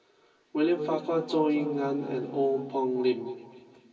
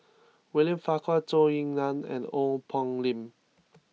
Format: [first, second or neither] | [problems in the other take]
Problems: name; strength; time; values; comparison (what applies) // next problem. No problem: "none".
second | background sound (Wind instrument, woodwind instrument); 18 dB below the speech // room echo; dies away in 2.4 s